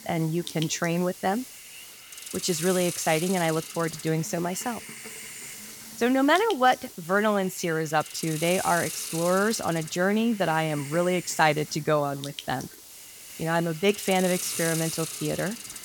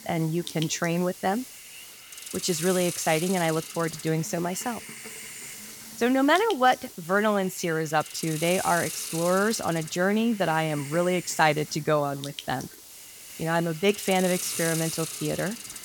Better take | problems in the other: neither | hiss; loud; throughout; 10 dB below the speech; the same in both

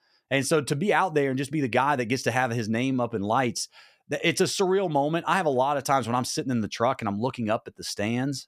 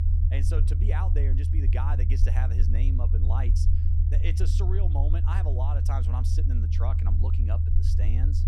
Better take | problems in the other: first | low rumble; loud; throughout; 2 dB below the speech

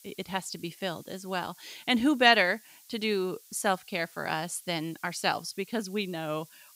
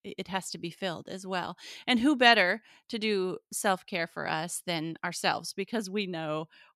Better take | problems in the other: second | hiss; faint; throughout; 25 dB below the speech

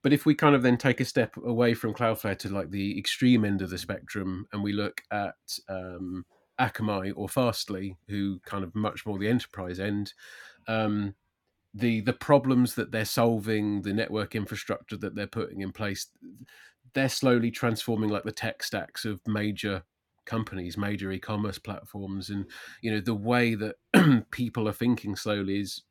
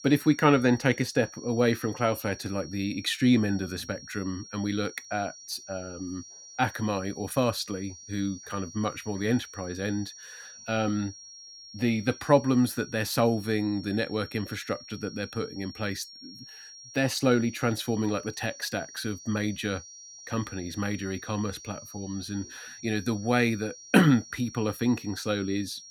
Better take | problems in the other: first | high-pitched whine; noticeable; throughout; 5.5 kHz, 15 dB below the speech

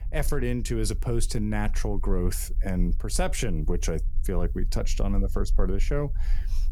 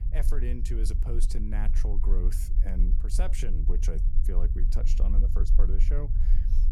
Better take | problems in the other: first | low rumble; loud; throughout; 7 dB below the speech; faint in the first

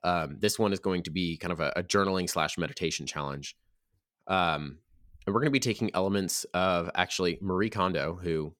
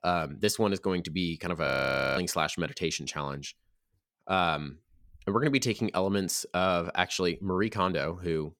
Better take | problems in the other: first | audio freezing; at 1.5 s for 0.5 s

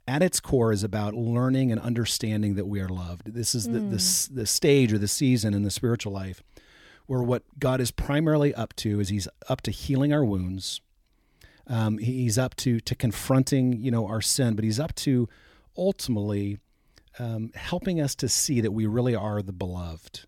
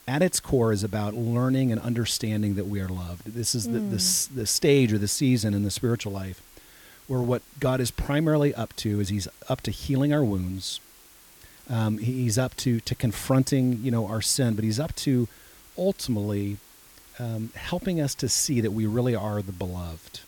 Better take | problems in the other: first | hiss; faint; throughout; 25 dB below the speech

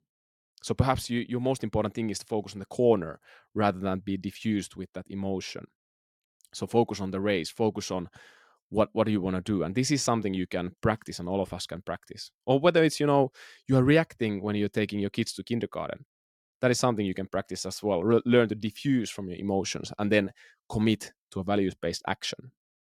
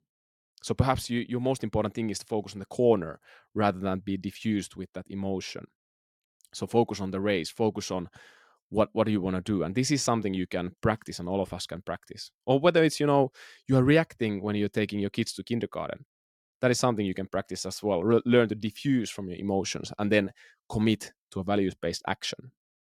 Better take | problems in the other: neither | none

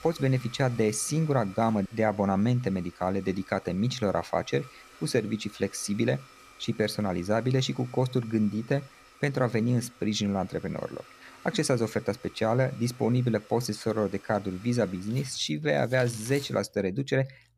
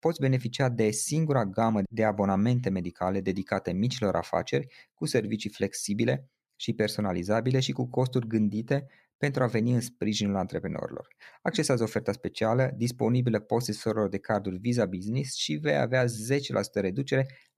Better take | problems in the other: second | household noises; faint; throughout; 20 dB below the speech

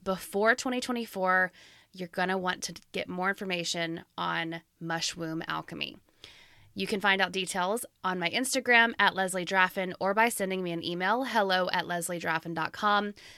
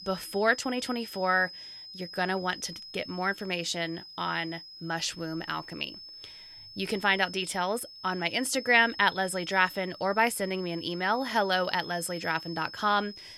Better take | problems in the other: first | high-pitched whine; noticeable; throughout; 5 kHz, 15 dB below the speech

